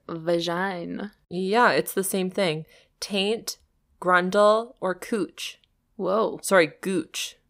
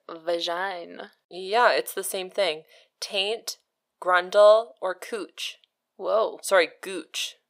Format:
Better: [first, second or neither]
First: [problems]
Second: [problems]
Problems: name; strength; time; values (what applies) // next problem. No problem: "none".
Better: first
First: none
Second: thin; very; fading below 500 Hz